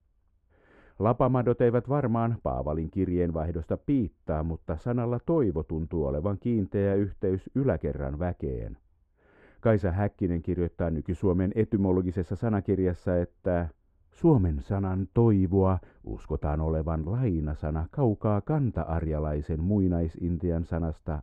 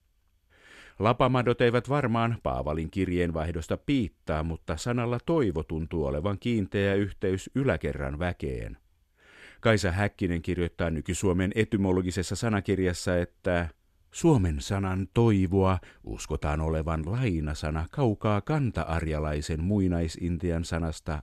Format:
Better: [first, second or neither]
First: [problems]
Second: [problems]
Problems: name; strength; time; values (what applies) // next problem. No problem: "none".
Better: second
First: muffled; very; fading above 2 kHz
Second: none